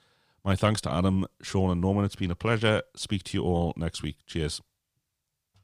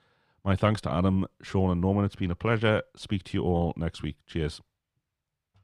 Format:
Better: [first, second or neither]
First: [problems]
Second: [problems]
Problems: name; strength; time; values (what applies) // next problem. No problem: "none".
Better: first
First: none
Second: muffled; slightly; fading above 3.5 kHz